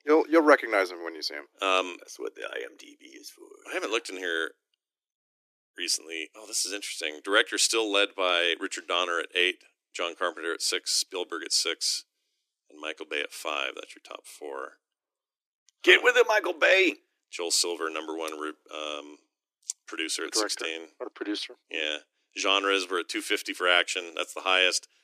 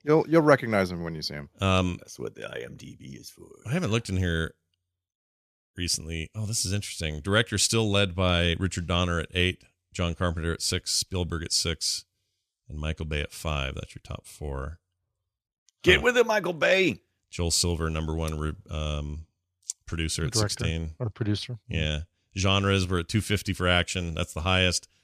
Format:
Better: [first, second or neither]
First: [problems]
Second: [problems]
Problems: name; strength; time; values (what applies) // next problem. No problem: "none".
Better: second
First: thin; very; fading below 300 Hz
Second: none